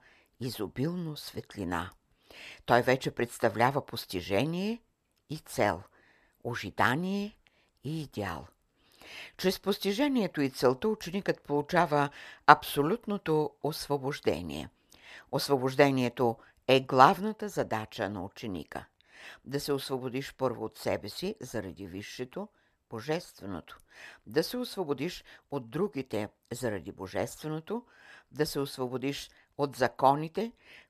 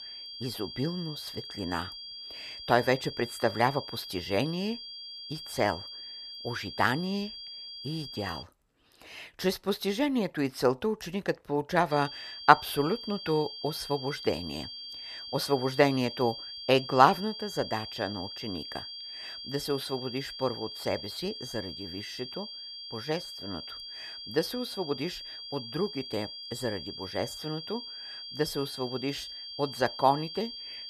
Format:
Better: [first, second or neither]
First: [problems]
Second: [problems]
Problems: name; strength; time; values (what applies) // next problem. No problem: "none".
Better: first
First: none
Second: high-pitched whine; loud; until 8.5 s and from 12 s on; 4.5 kHz, 9 dB below the speech